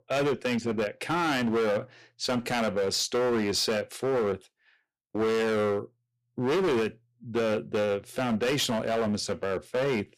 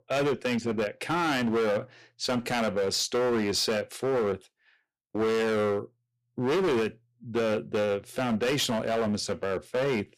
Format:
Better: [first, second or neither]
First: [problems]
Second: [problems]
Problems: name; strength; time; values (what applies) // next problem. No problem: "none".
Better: neither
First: distortion; heavy; 18% of the sound clipped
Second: distortion; heavy; 18% of the sound clipped